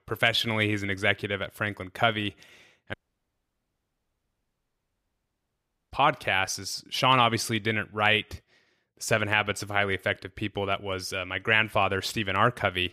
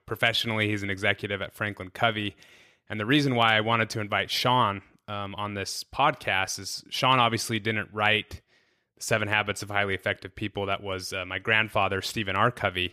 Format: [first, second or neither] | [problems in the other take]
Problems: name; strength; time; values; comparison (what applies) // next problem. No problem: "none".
second | audio cutting out; at 3 s for 3 s